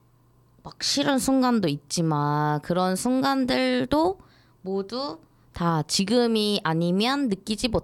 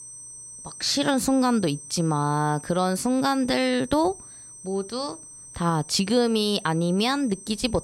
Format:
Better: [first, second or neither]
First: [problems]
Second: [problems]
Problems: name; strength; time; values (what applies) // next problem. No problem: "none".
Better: first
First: none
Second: high-pitched whine; noticeable; throughout; 8.5 kHz, 15 dB below the speech